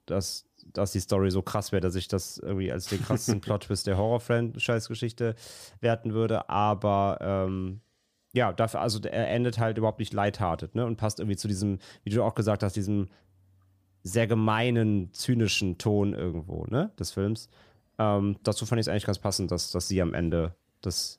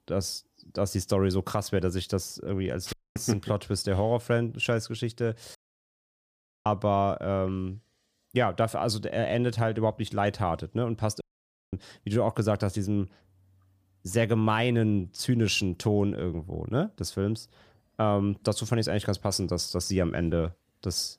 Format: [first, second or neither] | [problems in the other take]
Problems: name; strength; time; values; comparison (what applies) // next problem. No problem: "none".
first | audio cutting out; at 3 s, at 5.5 s for 1 s and at 11 s for 0.5 s